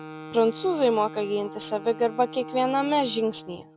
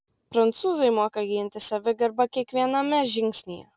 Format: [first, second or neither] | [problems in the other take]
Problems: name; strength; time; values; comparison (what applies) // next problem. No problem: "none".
second | background sound (Wind instrument, woodwind instrument); 15 dB below the speech